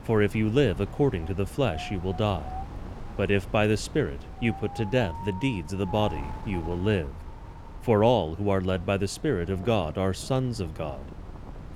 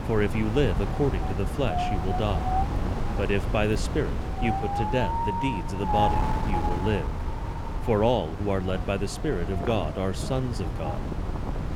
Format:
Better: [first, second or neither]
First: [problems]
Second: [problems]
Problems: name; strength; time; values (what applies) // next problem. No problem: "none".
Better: first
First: wind noise on the microphone; occasional gusts; 15 dB below the speech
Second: wind noise on the microphone; heavy; 1 dB below the speech